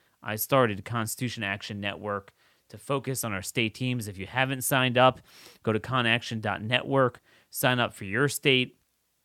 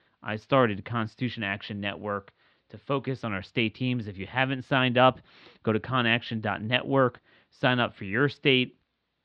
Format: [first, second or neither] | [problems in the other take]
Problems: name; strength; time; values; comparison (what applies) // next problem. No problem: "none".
first | muffled; slightly; fading above 4 kHz